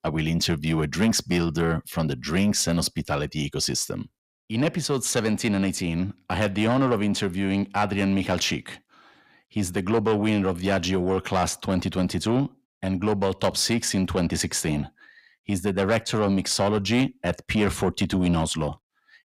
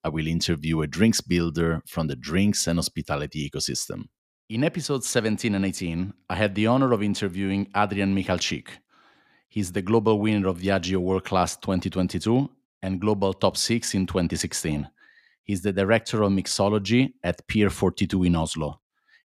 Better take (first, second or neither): second